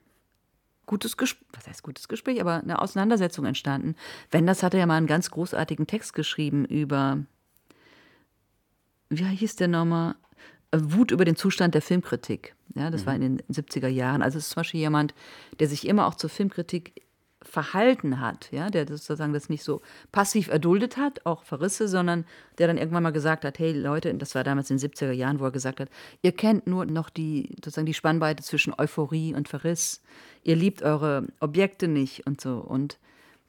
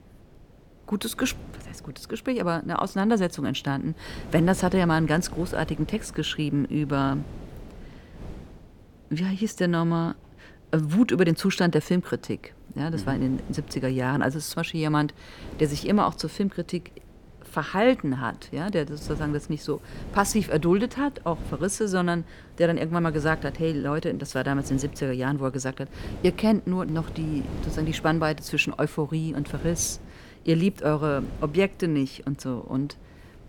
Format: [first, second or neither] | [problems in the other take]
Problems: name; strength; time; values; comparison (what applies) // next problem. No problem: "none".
first | wind noise on the microphone; occasional gusts; 20 dB below the speech